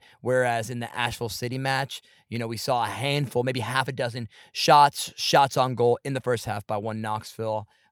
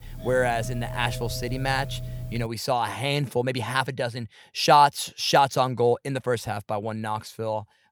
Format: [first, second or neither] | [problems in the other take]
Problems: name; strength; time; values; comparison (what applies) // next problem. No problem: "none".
first | doorbell; noticeable; until 2.5 s; peak 10 dB below the speech